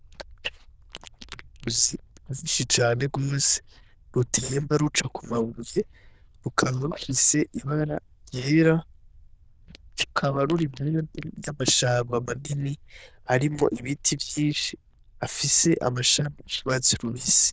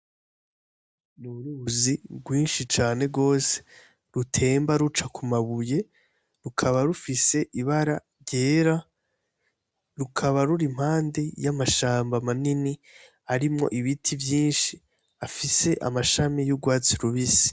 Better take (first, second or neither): second